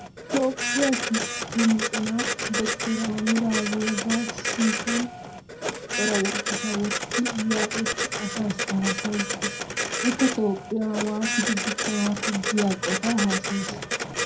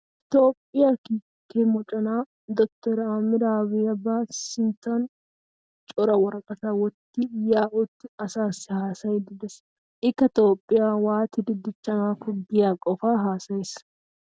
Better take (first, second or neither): second